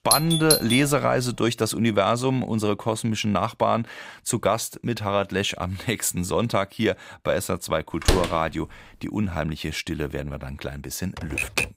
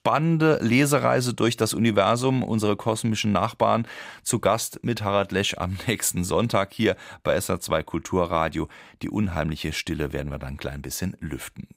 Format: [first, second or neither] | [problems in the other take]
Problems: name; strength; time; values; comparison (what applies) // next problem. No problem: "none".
second | doorbell; loud; at the start; peak 4 dB above the speech // door banging; loud; at 8 s; peak 1 dB above the speech // keyboard typing; loud; at 11 s; peak level with the speech